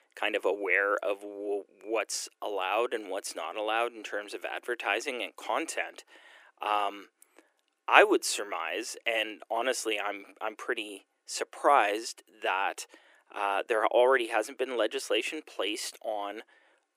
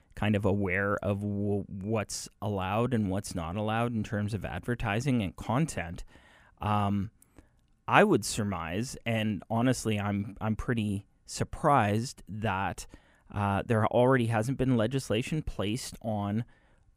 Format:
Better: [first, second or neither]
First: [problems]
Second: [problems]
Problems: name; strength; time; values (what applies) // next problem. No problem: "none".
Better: second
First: thin; very; fading below 350 Hz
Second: none